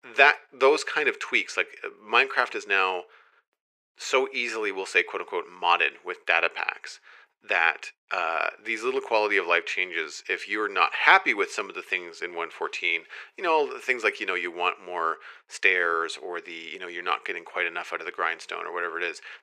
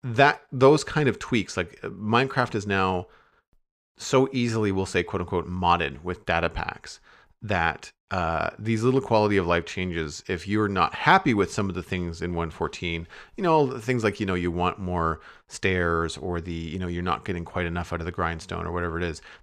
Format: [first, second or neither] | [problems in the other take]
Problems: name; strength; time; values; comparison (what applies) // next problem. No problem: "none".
second | thin; very; fading below 400 Hz